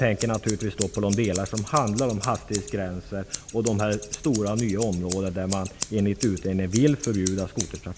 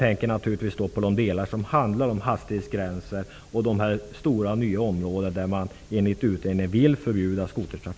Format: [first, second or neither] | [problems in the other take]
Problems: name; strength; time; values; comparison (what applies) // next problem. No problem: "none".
second | background sound (Scissors); 11 dB below the speech